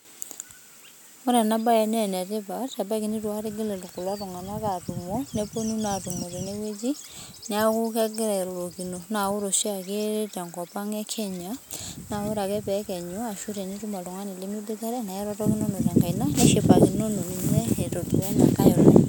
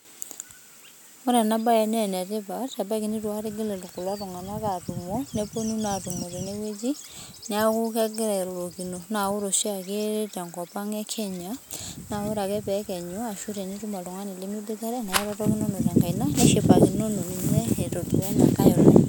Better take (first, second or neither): first